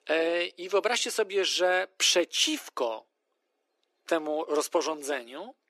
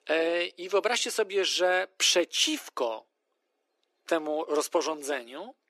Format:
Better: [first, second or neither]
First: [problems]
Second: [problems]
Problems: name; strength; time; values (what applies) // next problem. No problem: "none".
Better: neither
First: thin; very; fading below 300 Hz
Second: thin; very; fading below 300 Hz